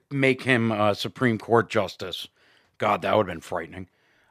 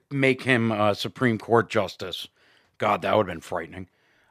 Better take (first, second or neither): neither